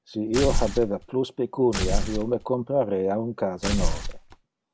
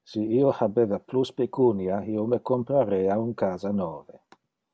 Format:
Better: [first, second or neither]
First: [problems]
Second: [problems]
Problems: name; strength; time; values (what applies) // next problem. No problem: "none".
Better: second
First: background sound (Tearing); as loud as the speech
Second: none